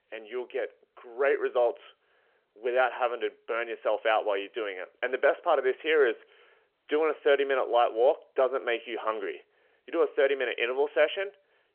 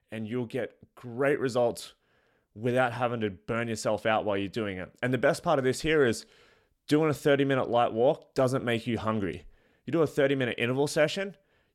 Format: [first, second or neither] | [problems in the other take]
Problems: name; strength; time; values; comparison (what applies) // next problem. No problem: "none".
second | phone-call audio; nothing above 3 kHz